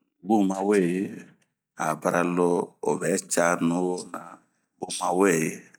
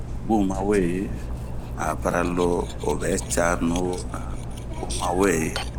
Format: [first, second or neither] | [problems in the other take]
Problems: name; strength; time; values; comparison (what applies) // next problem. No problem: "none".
first | background sound (Cutlery, silverware); 5 dB below the speech